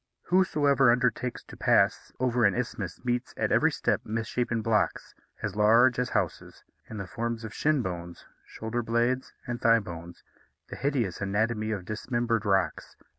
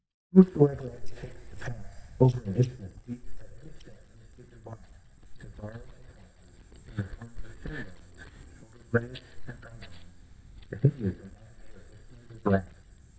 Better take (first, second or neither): first